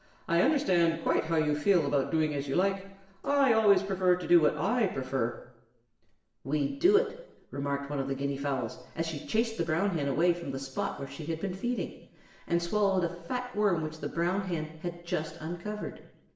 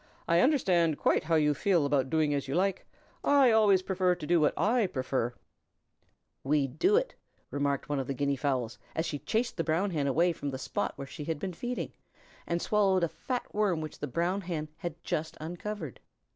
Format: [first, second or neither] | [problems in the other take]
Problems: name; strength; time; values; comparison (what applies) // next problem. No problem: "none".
second | room echo; dies away in 0.8 s